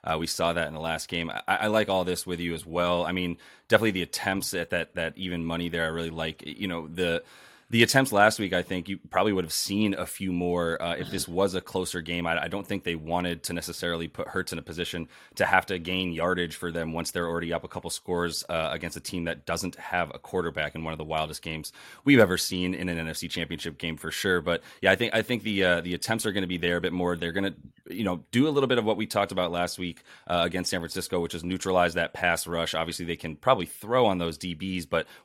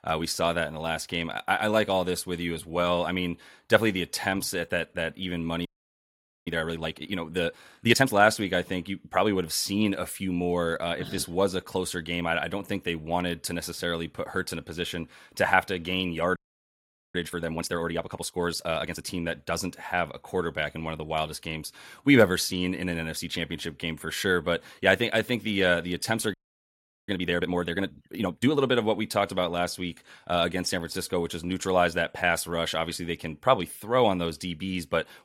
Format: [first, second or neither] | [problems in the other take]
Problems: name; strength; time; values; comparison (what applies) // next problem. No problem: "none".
first | audio freezing; at 5.5 s for 1 s, at 16 s for 1 s and at 26 s for 0.5 s